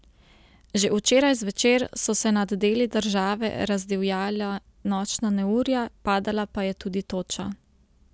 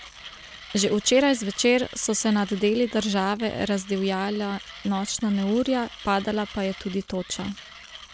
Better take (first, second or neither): first